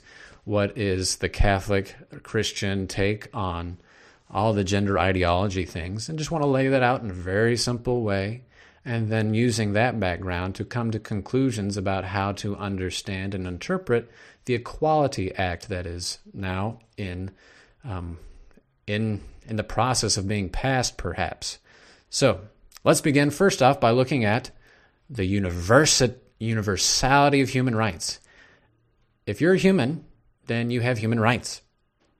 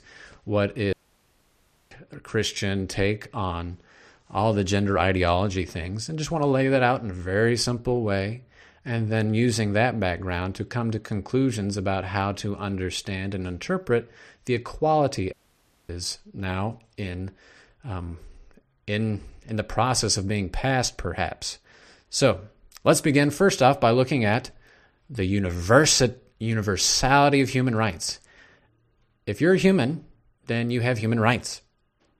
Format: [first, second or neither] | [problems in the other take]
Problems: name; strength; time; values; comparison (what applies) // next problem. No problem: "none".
first | audio cutting out; at 1 s for 1 s and at 15 s for 0.5 s